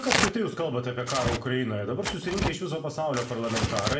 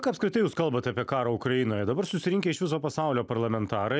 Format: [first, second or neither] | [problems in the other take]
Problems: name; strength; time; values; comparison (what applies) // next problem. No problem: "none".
second | background sound (Tearing); 3 dB below the speech // room echo; dies away in 0.5 s